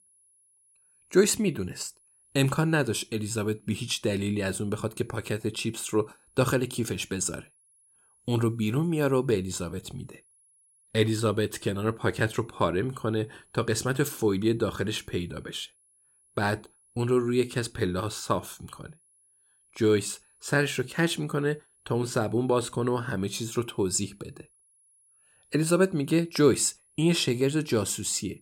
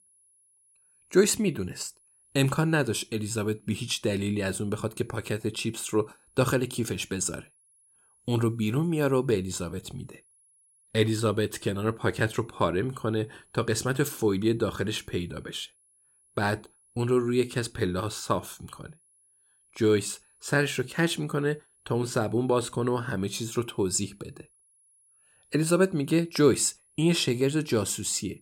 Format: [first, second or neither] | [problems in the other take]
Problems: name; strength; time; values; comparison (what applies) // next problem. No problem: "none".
neither | high-pitched whine; faint; throughout; 10.5 kHz, 35 dB below the speech; the same in both